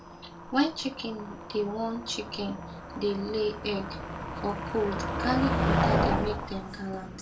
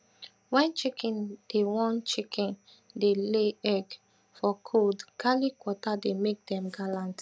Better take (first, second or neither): second